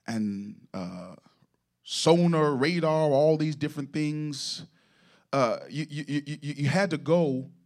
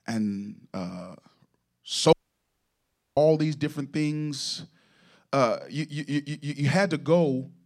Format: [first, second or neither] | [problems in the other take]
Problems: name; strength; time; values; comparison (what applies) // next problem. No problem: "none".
first | audio cutting out; at 2 s for 1 s